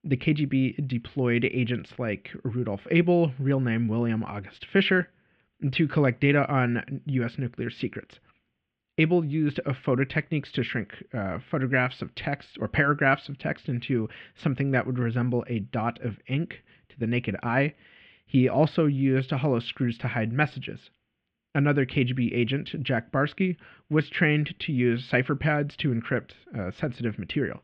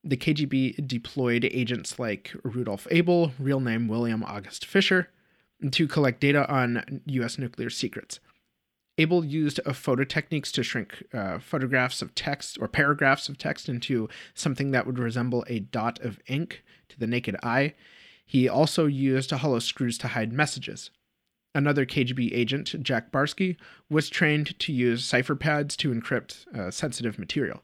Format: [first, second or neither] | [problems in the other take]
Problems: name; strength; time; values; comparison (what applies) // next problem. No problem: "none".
second | muffled; very; fading above 3 kHz